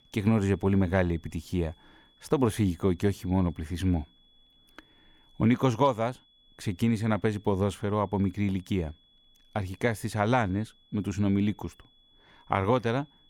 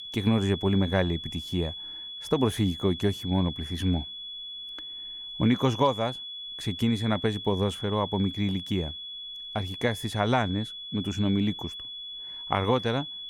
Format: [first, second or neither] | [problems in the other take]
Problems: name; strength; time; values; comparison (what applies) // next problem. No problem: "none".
first | high-pitched whine; loud; throughout; 3.5 kHz, 9 dB below the speech; faint in the first